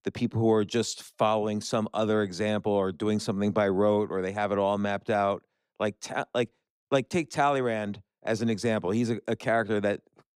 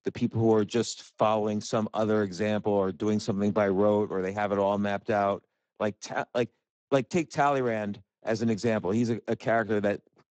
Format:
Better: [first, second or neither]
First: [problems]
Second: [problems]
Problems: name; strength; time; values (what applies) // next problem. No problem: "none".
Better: first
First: none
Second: garbled, watery; badly; nothing above 7.5 kHz